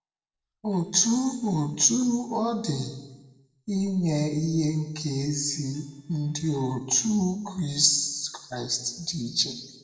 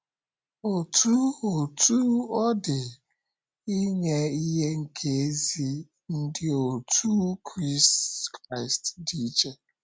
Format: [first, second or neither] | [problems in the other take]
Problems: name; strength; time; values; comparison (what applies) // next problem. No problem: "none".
second | noise reduction (neural separator model SepFormer DNS4)